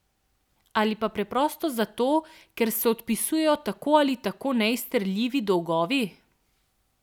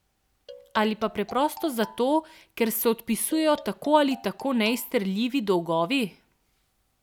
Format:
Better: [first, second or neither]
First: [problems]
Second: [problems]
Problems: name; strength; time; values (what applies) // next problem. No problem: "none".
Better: first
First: none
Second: background sound (Marimba, xylophone); 19 dB below the speech